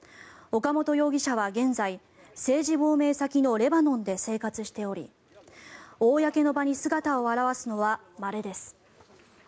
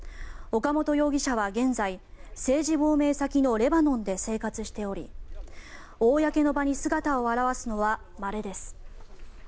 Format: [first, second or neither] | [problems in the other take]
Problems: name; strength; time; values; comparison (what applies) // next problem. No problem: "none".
first | background sound (Bark); 14 dB below the speech